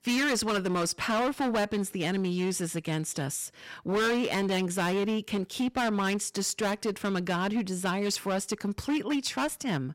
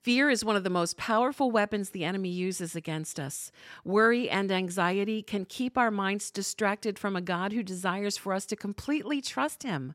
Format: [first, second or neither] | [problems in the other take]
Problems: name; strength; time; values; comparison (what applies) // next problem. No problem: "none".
second | distortion; heavy; 16% of the sound clipped